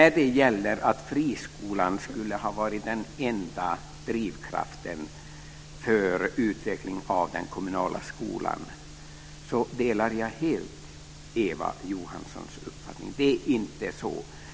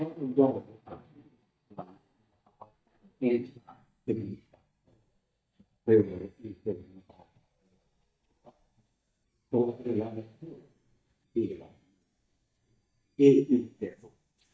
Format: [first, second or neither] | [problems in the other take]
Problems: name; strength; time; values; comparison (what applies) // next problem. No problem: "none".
first | noise reduction (neural mask model DeepFilterNet 3)